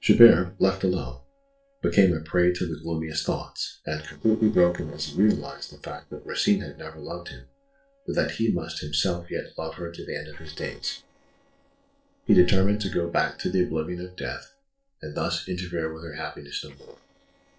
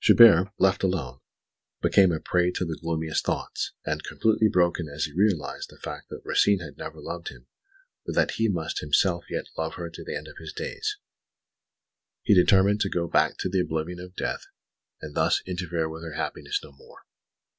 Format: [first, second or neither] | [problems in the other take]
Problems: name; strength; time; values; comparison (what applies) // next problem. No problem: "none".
second | noise reduction (neural separator model SepFormer DNS4)